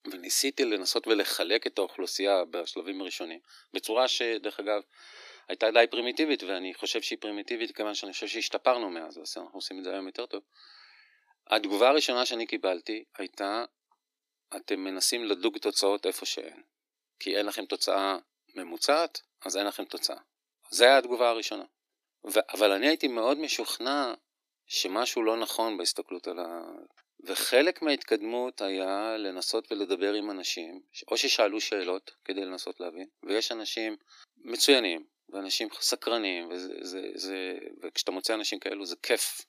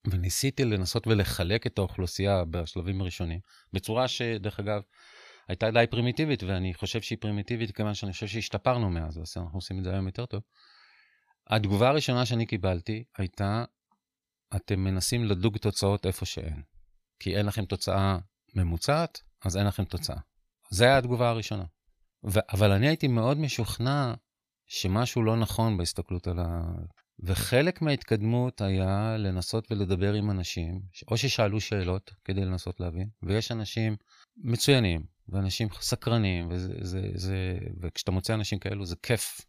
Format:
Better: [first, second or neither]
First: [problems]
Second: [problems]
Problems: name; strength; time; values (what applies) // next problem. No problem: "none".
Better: second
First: thin; somewhat; fading below 300 Hz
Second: none